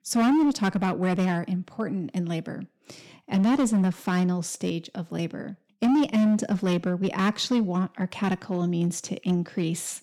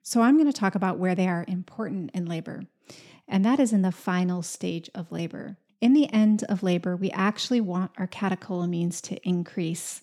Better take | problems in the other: second | distortion; slight; 8% of the sound clipped

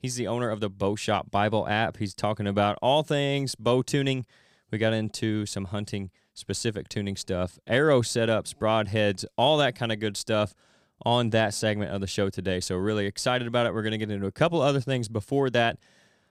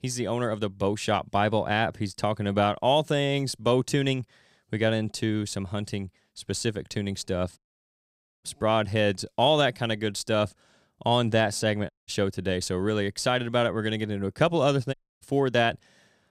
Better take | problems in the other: first | audio cutting out; at 7.5 s for 1 s, at 12 s and at 15 s

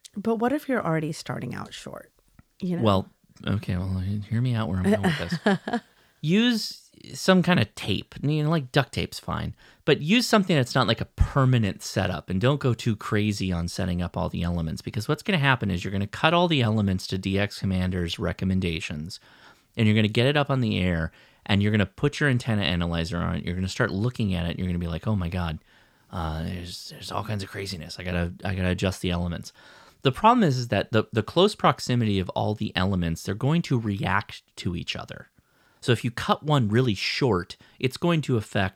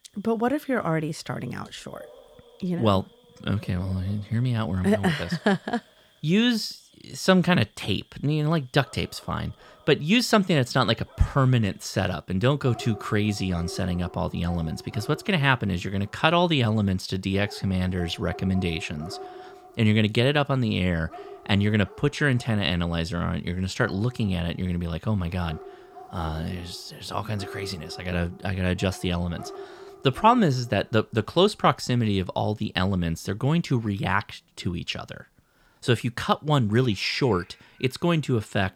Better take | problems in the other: first | animal sounds; faint; throughout; 20 dB below the speech

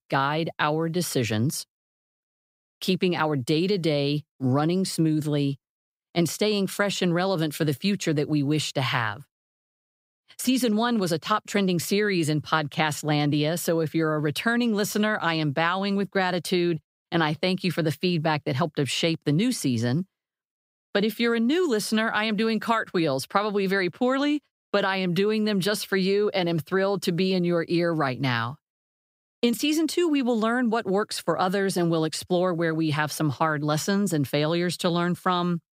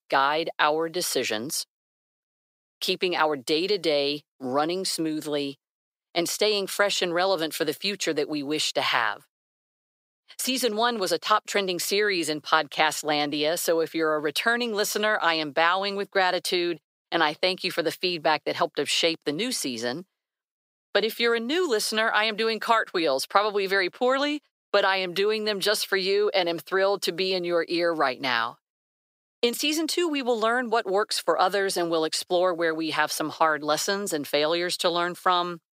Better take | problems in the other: first | thin; somewhat; fading below 500 Hz

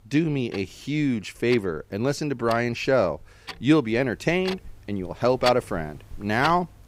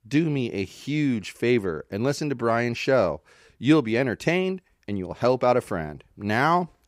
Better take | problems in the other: second | household noises; noticeable; throughout; 15 dB below the speech

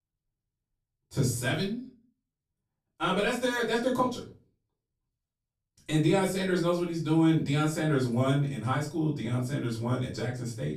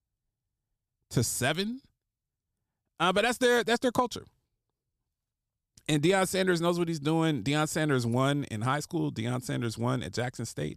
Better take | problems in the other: second | off-mic speech; far // room echo; slight; dies away in 0.3 s

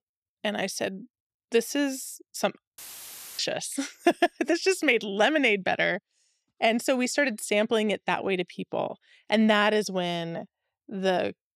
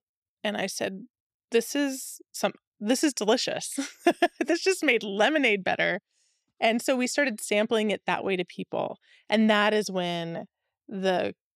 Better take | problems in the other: second | audio cutting out; filled with static; at 3 s for 0.5 s

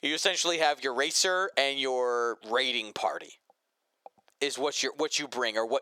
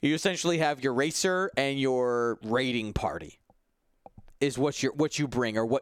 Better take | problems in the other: second | thin; somewhat; fading below 600 Hz

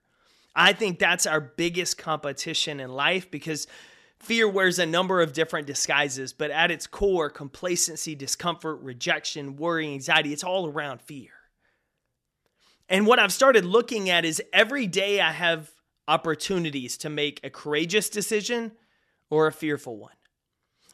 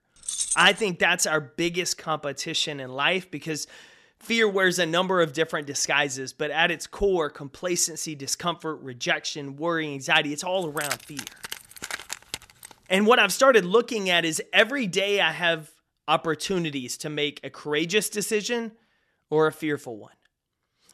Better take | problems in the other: first | jangling keys; noticeable; at 0.5 s and from 11 to 13 s; peak 2 dB below the speech

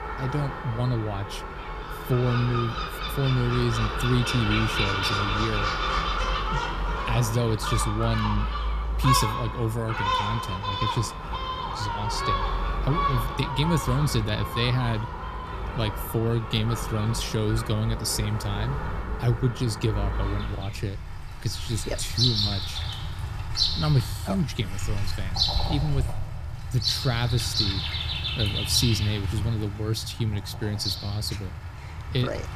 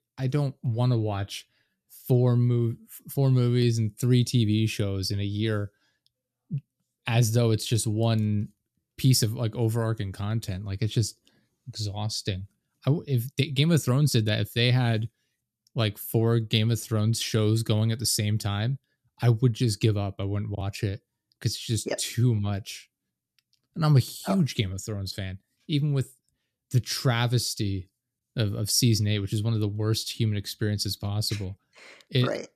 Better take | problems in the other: second | animal sounds; loud; throughout; 1 dB below the speech

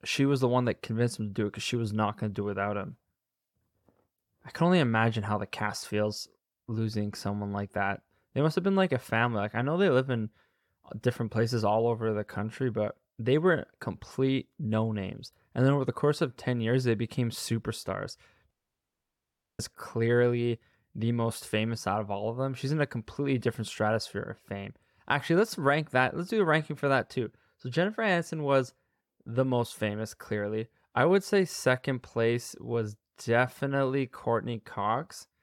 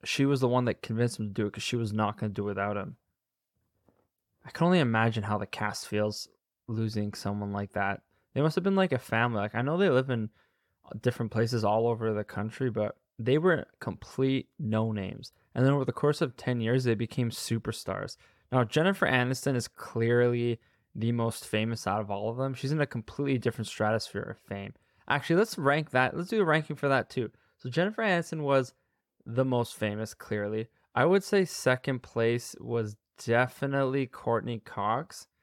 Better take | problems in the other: second | audio cutting out; at 19 s for 1 s

